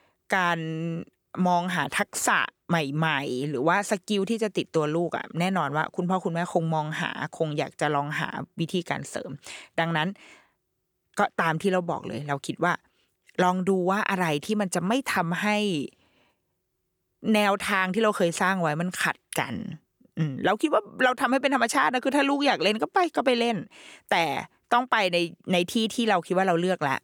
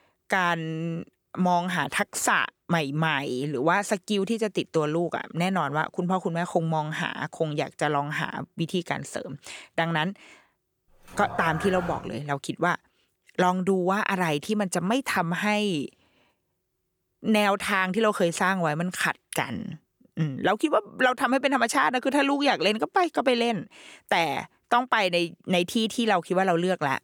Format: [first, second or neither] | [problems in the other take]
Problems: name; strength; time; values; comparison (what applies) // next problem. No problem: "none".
first | dog barking; noticeable; from 11 to 12 s; peak 8 dB below the speech